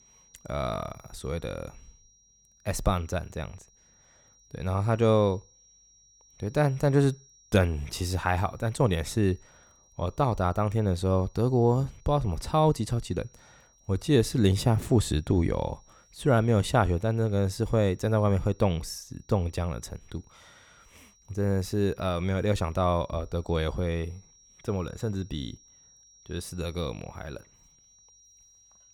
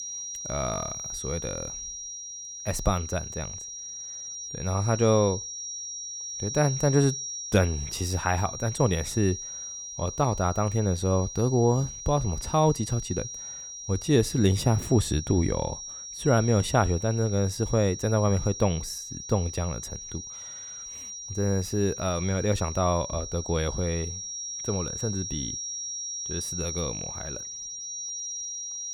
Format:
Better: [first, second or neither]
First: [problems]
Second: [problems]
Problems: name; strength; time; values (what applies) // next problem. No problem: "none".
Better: first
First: high-pitched whine; faint; throughout; 5.5 kHz, 30 dB below the speech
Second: high-pitched whine; loud; throughout; 5.5 kHz, 8 dB below the speech